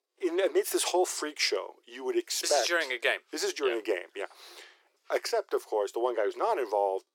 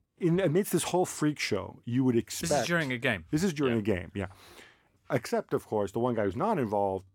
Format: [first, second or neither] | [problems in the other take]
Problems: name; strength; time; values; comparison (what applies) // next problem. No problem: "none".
second | thin; very; fading below 350 Hz